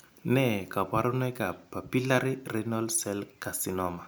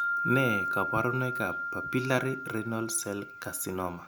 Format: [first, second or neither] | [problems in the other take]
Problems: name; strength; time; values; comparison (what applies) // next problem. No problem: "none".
first | background sound (Wind chime); 2 dB below the speech